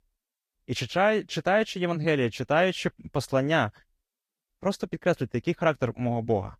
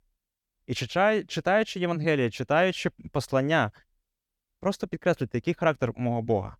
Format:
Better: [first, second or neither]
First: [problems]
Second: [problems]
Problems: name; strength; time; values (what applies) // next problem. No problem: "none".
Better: second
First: garbled, watery; slightly; nothing above 15 kHz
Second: none